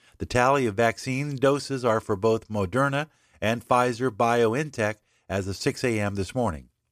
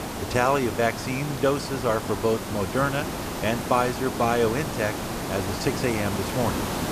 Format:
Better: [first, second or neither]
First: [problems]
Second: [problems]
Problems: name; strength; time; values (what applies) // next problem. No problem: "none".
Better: first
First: none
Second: hiss; loud; throughout; 5 dB below the speech